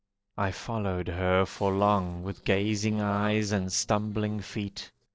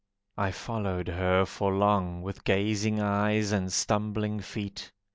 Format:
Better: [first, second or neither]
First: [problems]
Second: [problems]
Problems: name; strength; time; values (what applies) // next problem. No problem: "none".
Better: second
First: noise reduction (neural separator model SepFormer DNS4)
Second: none